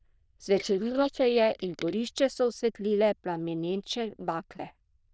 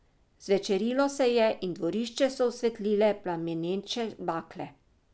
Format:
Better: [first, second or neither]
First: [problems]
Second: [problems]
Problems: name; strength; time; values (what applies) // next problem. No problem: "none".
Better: second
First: noise reduction (neural diffusion model UNIVERSE++)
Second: none